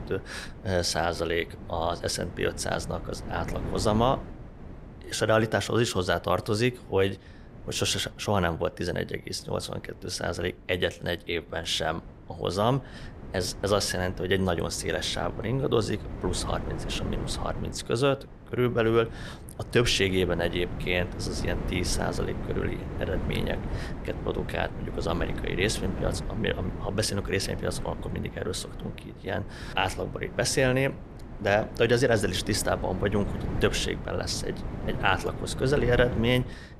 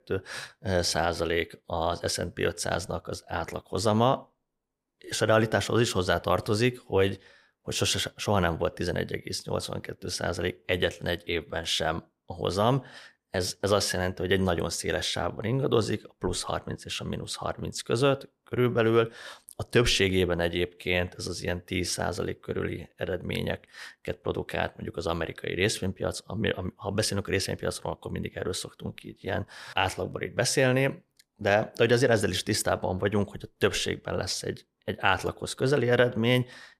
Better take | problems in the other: second | wind noise on the microphone; occasional gusts; 15 dB below the speech

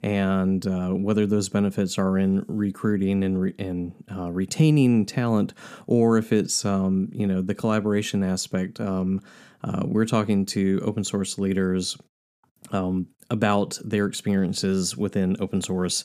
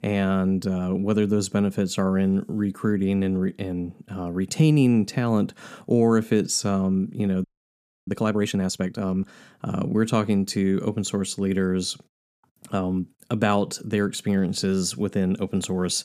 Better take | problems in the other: first | audio freezing; at 7.5 s for 0.5 s

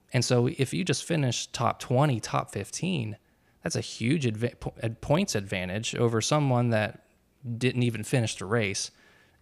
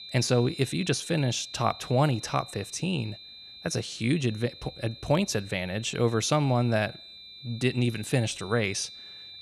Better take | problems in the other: first | high-pitched whine; noticeable; throughout; 4 kHz, 15 dB below the speech

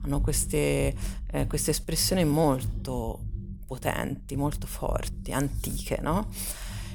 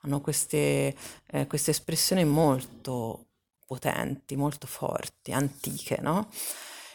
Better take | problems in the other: second | low rumble; faint; throughout; 20 dB below the speech

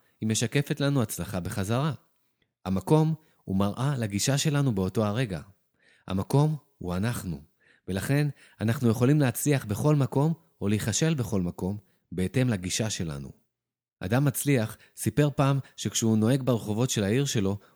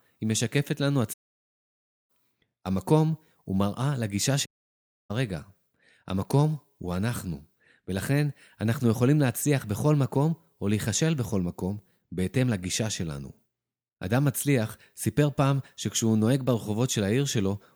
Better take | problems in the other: first | audio cutting out; at 1 s for 1 s and at 4.5 s for 0.5 s

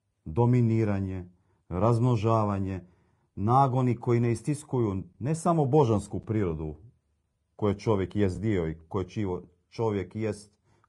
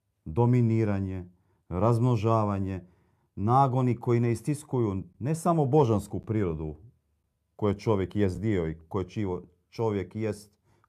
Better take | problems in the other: second | garbled, watery; slightly; nothing above 10 kHz

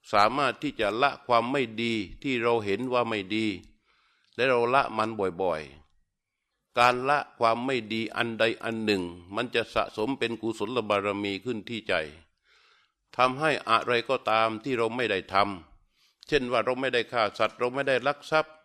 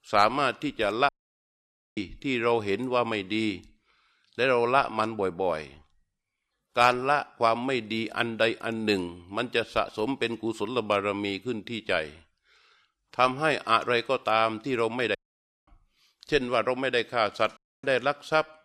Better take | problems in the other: first | audio cutting out; at 1 s for 1 s, at 15 s for 0.5 s and at 18 s

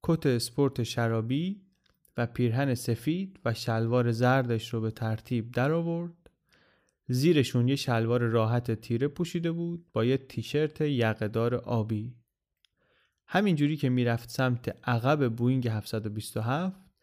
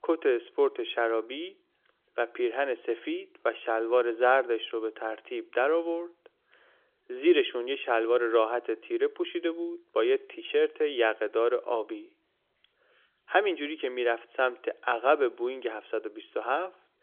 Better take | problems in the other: first | phone-call audio; nothing above 3.5 kHz

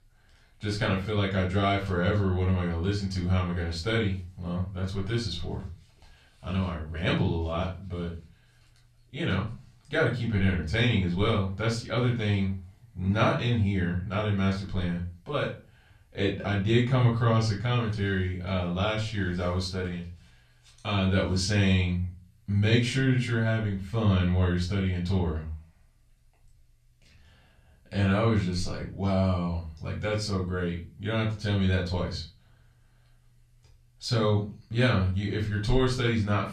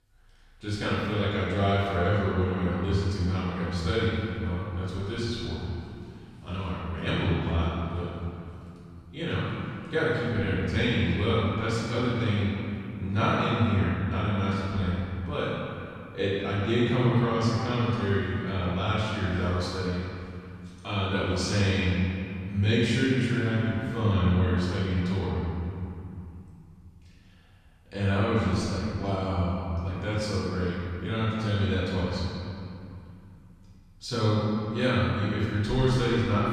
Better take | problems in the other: first | room echo; strong; dies away in 2.6 s; slight in the first // off-mic speech; far; far in the first

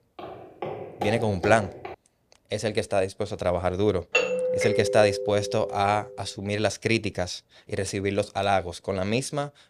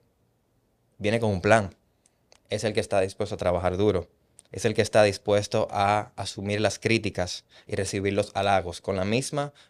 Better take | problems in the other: second | footsteps; noticeable; until 2 s; peak 7 dB below the speech // doorbell; loud; from 4 to 6 s; peak 2 dB above the speech

